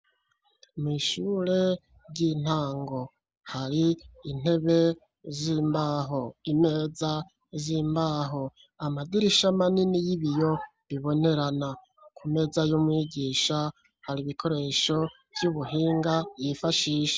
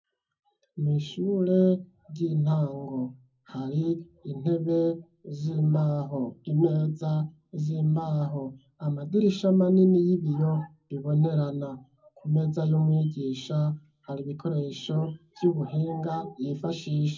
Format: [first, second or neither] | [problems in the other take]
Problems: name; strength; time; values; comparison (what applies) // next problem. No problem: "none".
first | room echo; dies away in 0.3 s